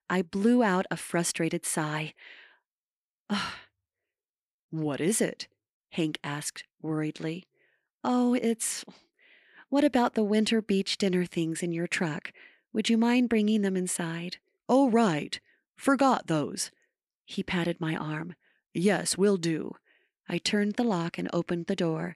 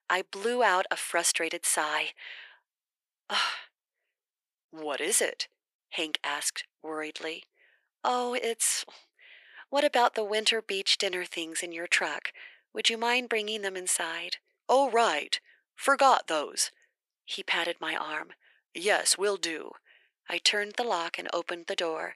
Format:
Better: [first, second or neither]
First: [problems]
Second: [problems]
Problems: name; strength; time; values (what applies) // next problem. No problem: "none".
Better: first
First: none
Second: thin; very; fading below 550 Hz